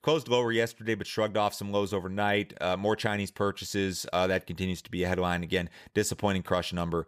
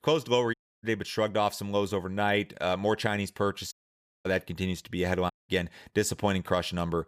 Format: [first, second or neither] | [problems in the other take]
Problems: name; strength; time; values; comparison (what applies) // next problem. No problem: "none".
first | audio cutting out; at 0.5 s, at 3.5 s for 0.5 s and at 5.5 s